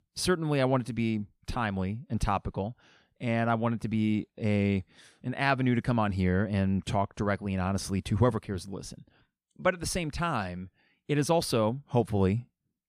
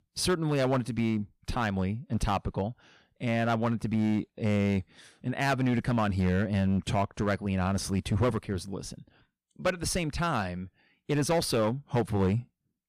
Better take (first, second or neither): first